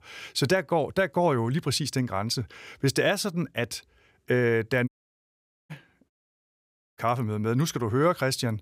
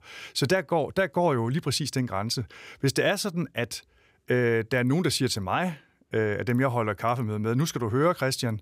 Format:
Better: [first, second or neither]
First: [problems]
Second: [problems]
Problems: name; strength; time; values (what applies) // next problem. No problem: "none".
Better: second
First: audio cutting out; at 5 s for 1 s and at 6 s for 1 s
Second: none